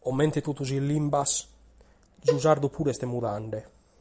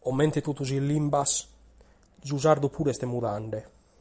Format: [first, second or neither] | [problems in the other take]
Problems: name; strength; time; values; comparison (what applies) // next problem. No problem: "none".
second | background sound (Cowbell); 4 dB below the speech